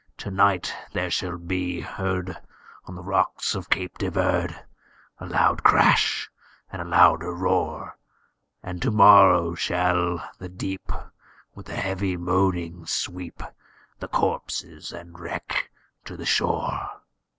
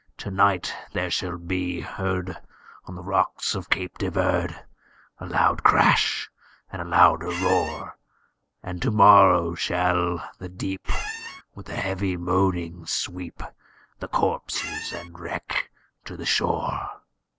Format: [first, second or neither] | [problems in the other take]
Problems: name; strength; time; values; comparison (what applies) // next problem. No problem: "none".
first | background sound (Squeak); 9 dB below the speech